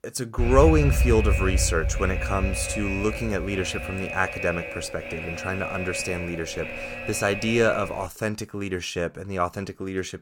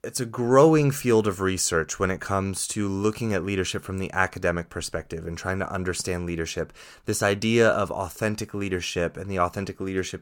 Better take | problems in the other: second | alarm; loud; until 8 s; peak 4 dB above the speech

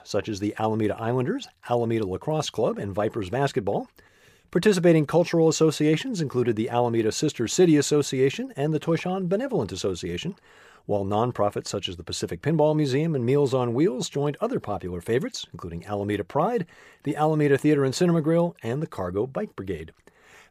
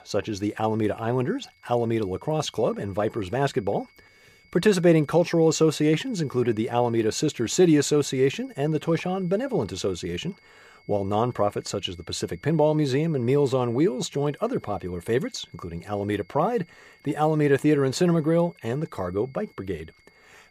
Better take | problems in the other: first | high-pitched whine; faint; throughout; 2 kHz, 30 dB below the speech

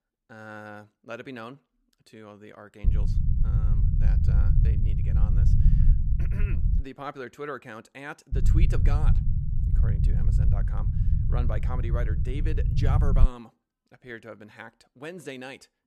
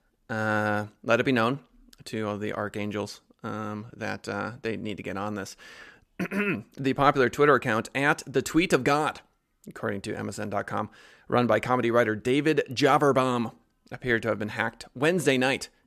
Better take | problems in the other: second | low rumble; loud; from 3 to 7 s and from 8.5 to 13 s; 2 dB below the speech

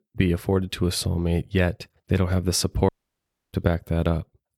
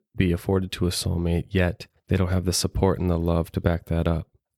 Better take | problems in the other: second | audio cutting out; at 3 s for 0.5 s

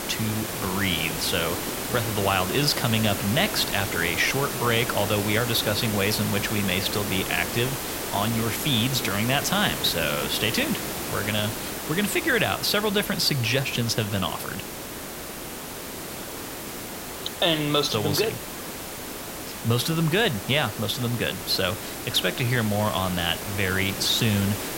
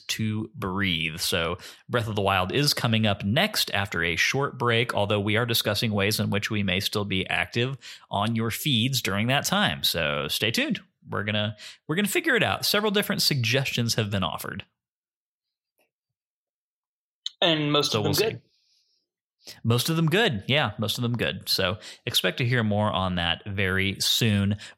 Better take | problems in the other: second | hiss; loud; throughout; 6 dB below the speech

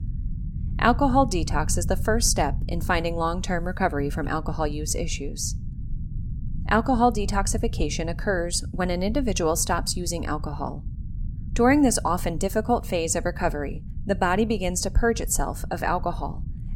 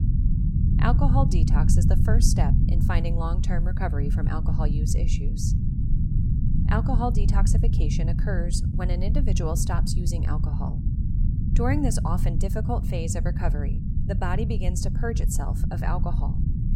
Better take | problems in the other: first | low rumble; loud; throughout; 5 dB below the speech; faint in the first

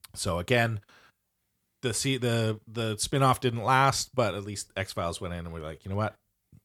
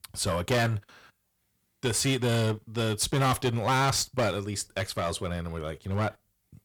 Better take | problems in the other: first | distortion; heavy; 9% of the sound clipped

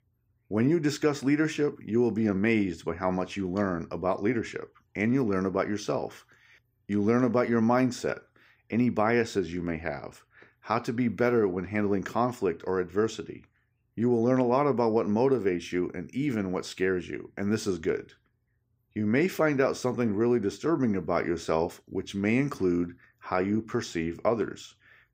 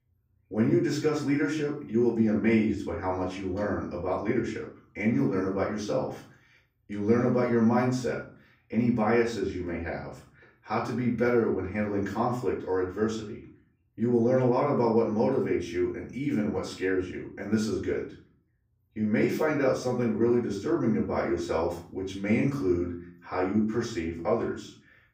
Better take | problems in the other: first | off-mic speech; far // room echo; slight; dies away in 0.4 s

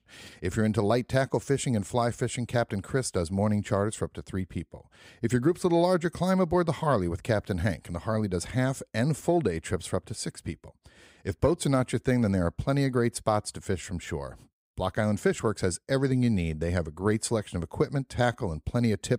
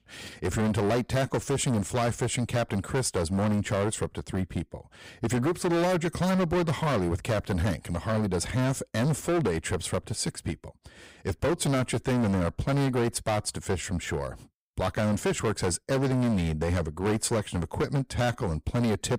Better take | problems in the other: first | distortion; heavy; 20% of the sound clipped

